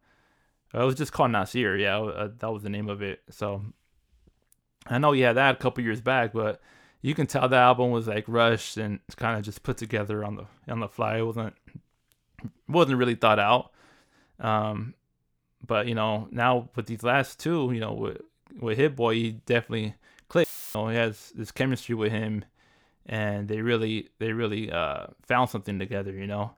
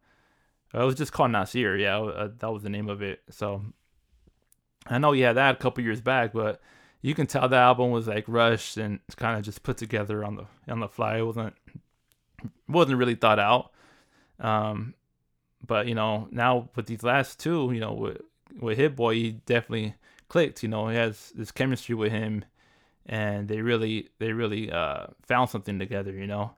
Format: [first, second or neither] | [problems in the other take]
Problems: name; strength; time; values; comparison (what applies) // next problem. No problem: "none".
second | audio cutting out; filled with static; at 20 s